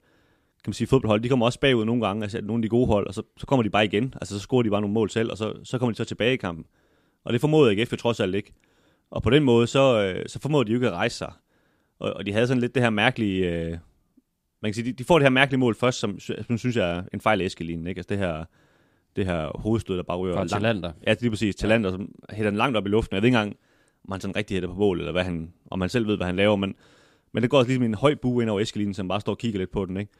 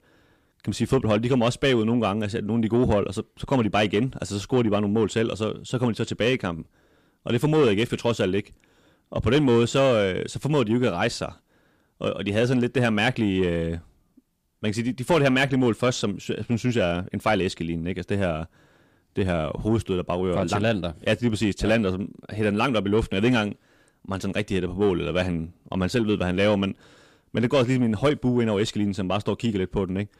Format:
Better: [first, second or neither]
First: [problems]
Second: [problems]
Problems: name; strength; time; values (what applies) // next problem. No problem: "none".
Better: first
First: none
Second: distortion; slight; 10 dB below the speech